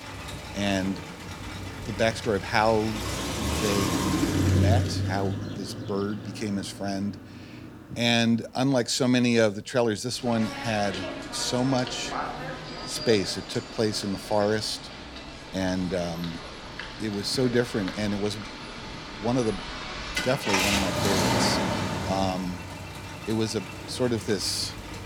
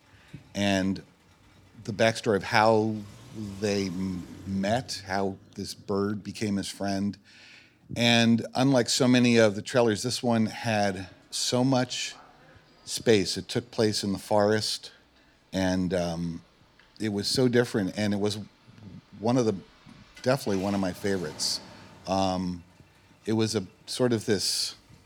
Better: second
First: traffic noise; loud; throughout; 4 dB below the speech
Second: traffic noise; faint; throughout; 25 dB below the speech

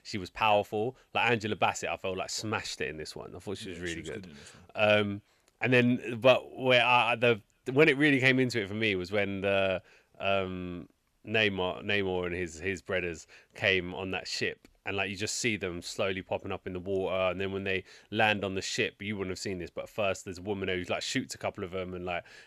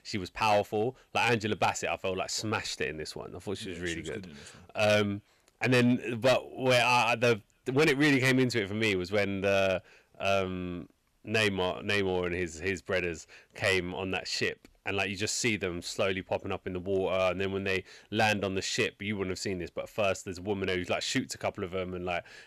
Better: first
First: none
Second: distortion; slight; 3% of the sound clipped

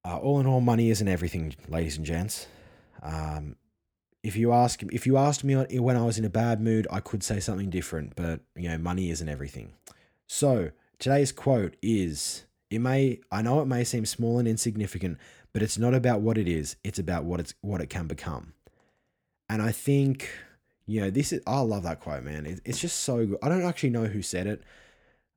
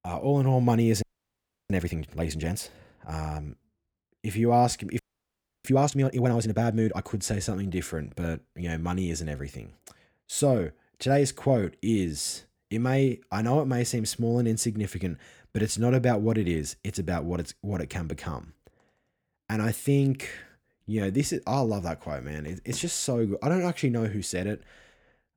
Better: first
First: none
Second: audio freezing; at 1 s for 0.5 s and at 5 s for 0.5 s

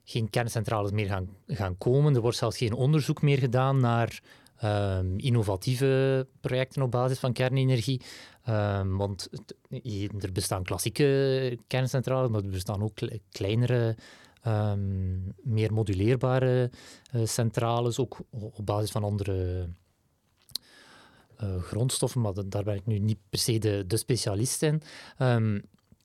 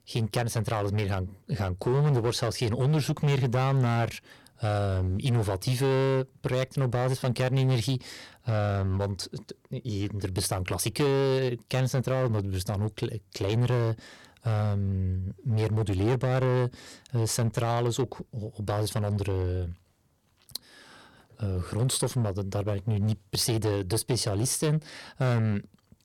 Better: first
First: none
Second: distortion; slight; 10% of the sound clipped

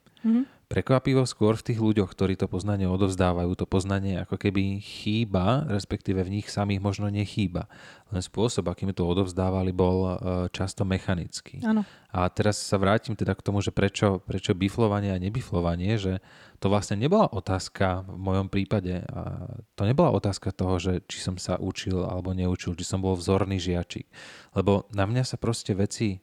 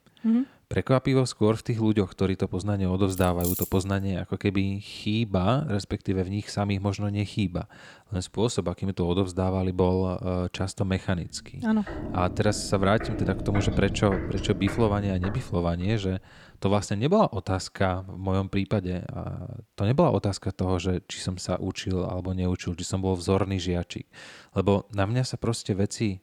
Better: first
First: none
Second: jangling keys; noticeable; at 3 s; peak 3 dB below the speech // footsteps; noticeable; from 12 to 16 s; peak 4 dB below the speech

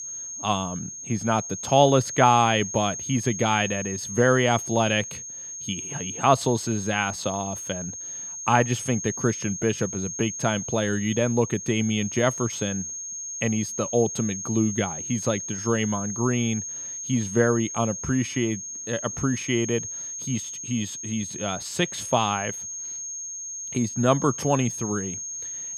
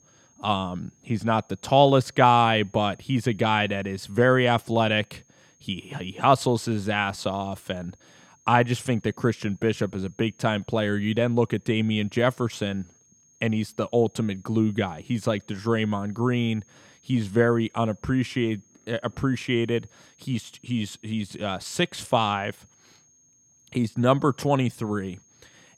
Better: second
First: high-pitched whine; loud; throughout; 6.5 kHz, 7 dB below the speech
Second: high-pitched whine; faint; throughout; 6.5 kHz, 35 dB below the speech

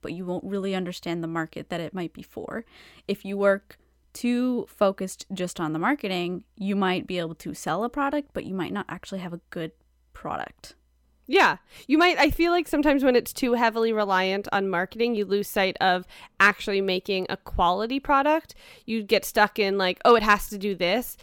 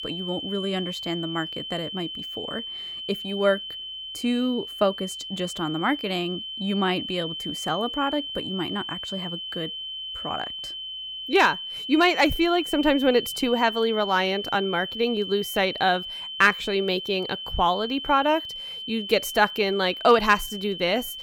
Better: first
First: none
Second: high-pitched whine; loud; throughout; 3 kHz, 7 dB below the speech

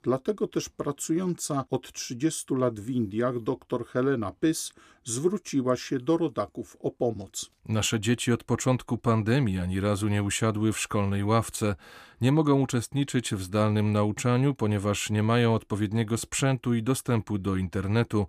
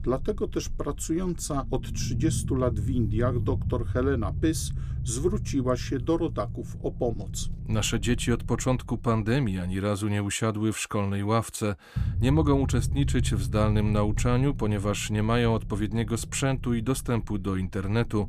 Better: first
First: none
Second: low rumble; noticeable; until 10 s and from 12 s on; 15 dB below the speech

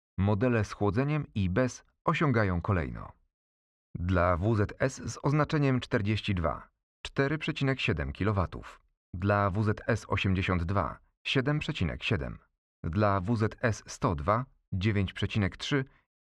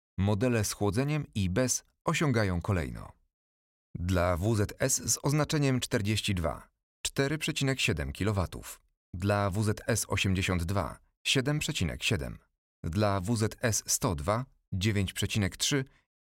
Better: second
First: muffled; very; fading above 2.5 kHz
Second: none

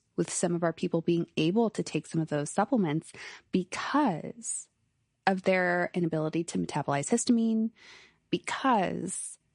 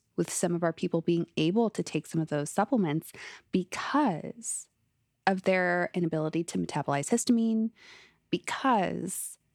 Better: second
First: garbled, watery; slightly; nothing above 10.5 kHz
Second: none

